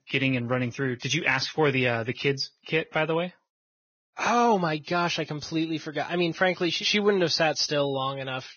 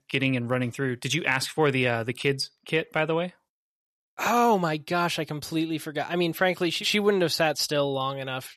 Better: second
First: garbled, watery; badly; nothing above 6.5 kHz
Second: none

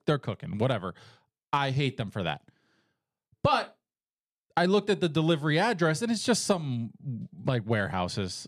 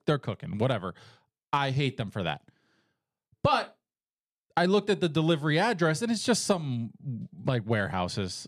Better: neither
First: none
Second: none

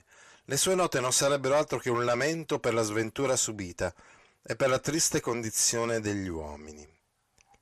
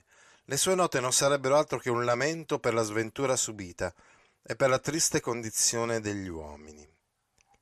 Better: second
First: distortion; slight; 10 dB below the speech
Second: none

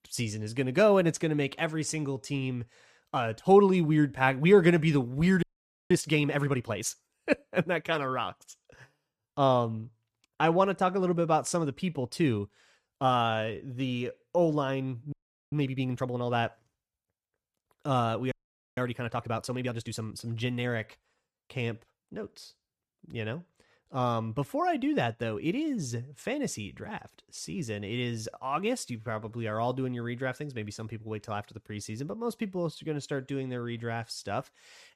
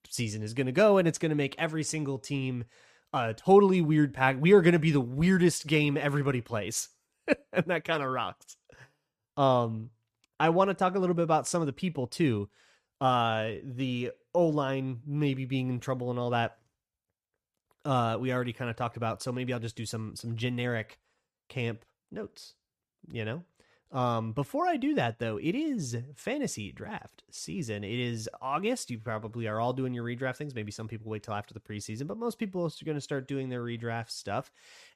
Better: second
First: audio freezing; at 5.5 s, at 15 s and at 18 s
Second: none

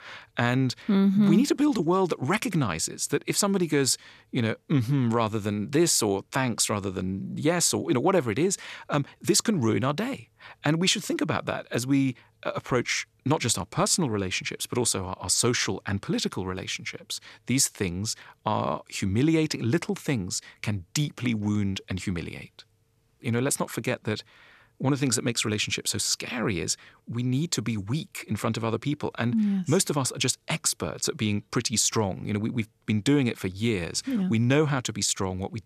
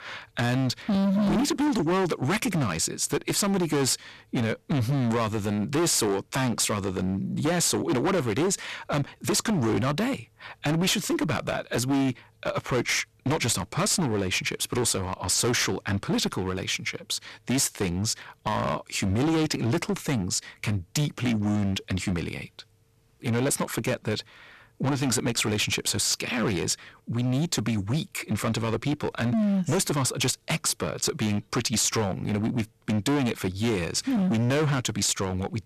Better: first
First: none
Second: distortion; heavy; 18% of the sound clipped

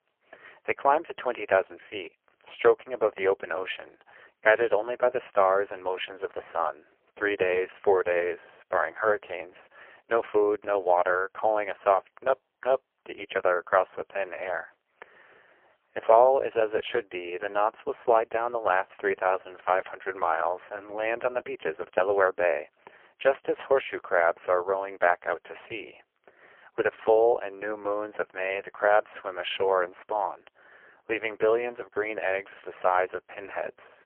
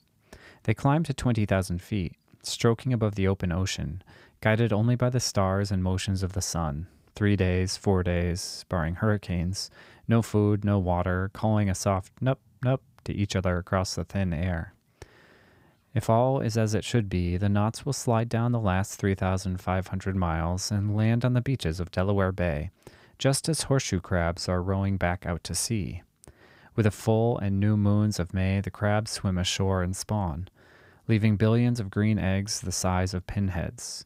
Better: second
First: phone-call audio; poor line; nothing above 3 kHz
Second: none

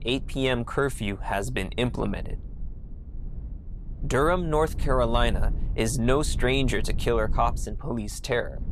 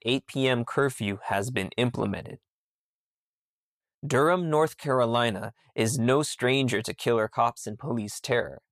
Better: second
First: low rumble; faint; throughout; 25 dB below the speech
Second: none

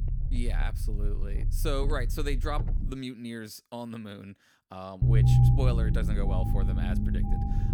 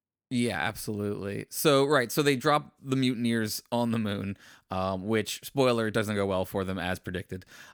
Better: second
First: low rumble; loud; until 3 s and from 5 s on; 1 dB below the speech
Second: none

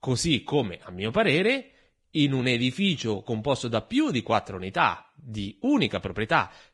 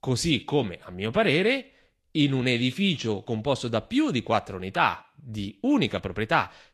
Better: second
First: garbled, watery; badly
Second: garbled, watery; slightly; nothing above 12 kHz

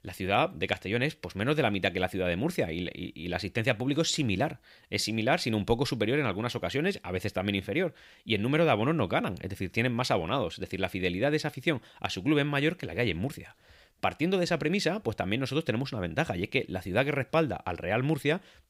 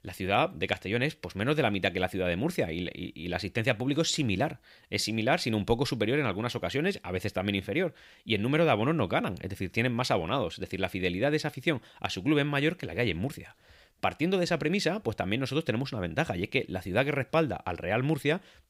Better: neither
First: none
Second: none

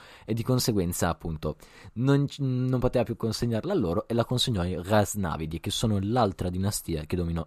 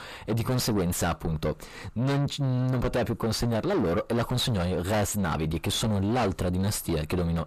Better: first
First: none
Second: distortion; heavy; 5 dB below the speech

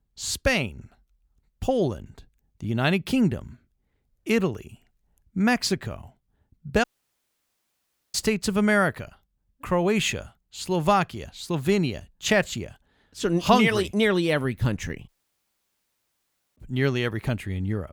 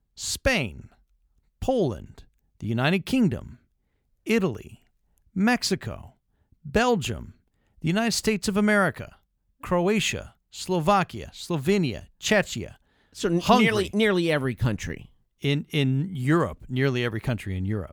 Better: second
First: audio cutting out; at 7 s for 1.5 s and at 15 s for 1.5 s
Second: none

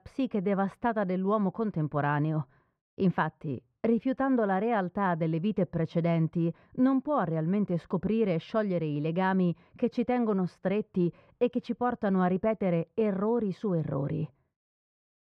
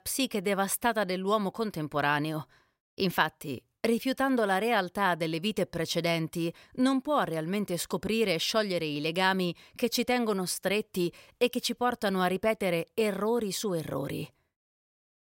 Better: second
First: muffled; very; fading above 1.5 kHz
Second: none

